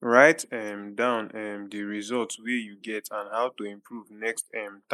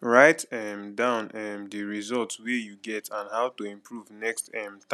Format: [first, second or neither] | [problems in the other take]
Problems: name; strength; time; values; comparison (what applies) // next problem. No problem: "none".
second | noise reduction (neural mask model Resemble Enhance denoiser)